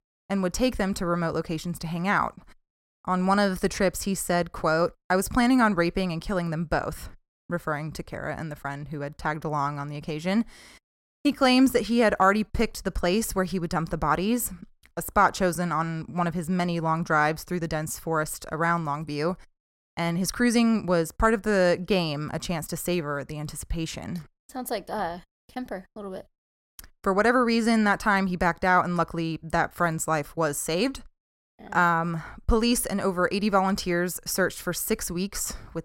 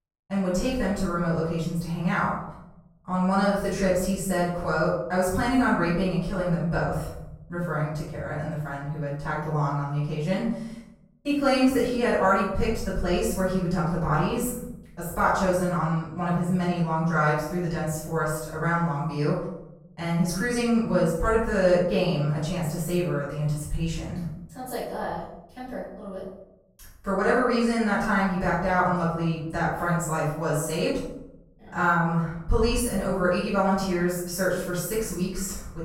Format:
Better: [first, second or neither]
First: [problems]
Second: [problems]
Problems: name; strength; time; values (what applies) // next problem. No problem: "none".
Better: first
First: none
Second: off-mic speech; far // room echo; noticeable; dies away in 0.8 s